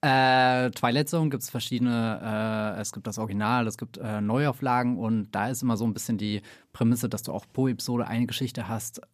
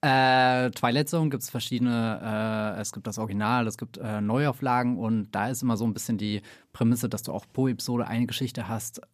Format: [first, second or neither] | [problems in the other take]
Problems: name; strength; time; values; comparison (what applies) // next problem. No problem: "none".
neither | none